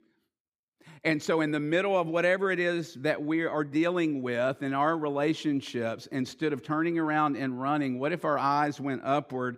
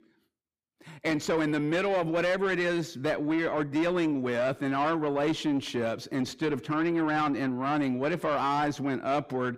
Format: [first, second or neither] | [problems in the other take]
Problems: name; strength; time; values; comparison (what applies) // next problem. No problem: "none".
first | distortion; slight; 10 dB below the speech